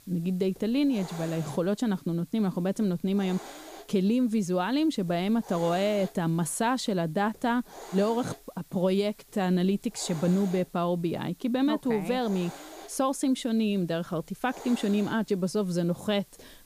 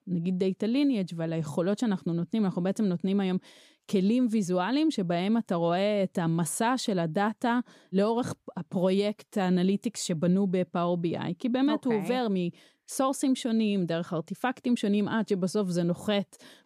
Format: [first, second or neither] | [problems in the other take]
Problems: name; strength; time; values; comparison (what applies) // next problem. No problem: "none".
second | hiss; noticeable; throughout; 20 dB below the speech